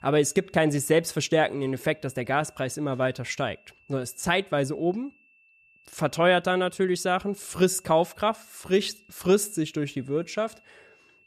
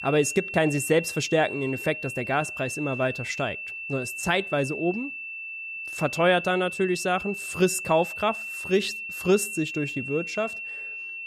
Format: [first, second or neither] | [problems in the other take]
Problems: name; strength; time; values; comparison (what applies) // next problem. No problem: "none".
first | high-pitched whine; loud; throughout; 2.5 kHz, 7 dB below the speech; faint in the first